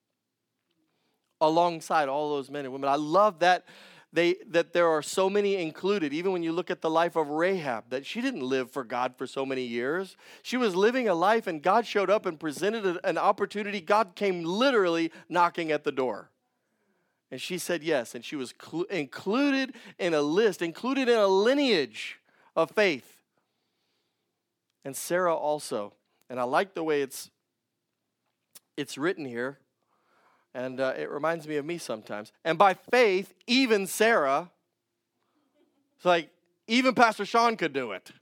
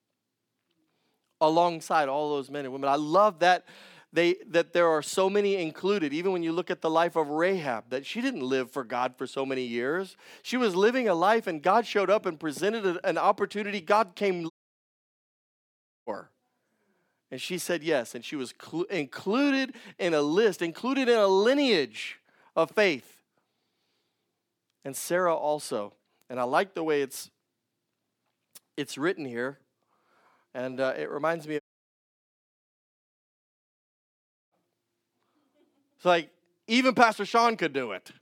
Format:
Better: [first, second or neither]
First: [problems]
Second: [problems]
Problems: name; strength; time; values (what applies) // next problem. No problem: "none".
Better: first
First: none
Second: audio cutting out; at 15 s for 1.5 s and at 32 s for 3 s